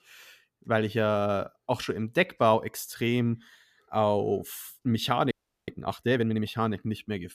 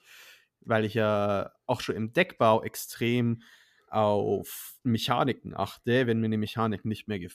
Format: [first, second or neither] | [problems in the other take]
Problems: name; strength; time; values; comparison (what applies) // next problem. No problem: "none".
second | audio freezing; at 5.5 s